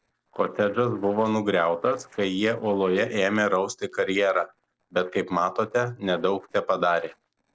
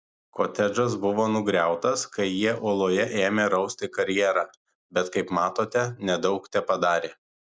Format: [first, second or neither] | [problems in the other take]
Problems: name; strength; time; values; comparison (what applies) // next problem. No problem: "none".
second | noise reduction (neural separator model SepFormer DNS4)